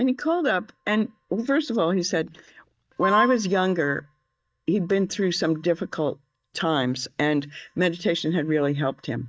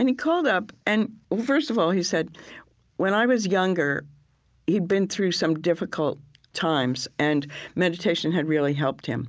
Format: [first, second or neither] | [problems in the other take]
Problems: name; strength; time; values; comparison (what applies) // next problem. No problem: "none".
second | noise reduction (neural mask model DeepFilterNet 3)